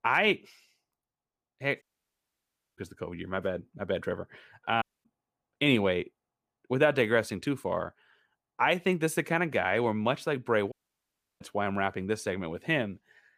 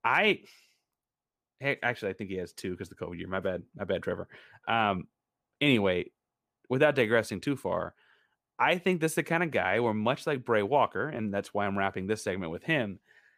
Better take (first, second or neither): second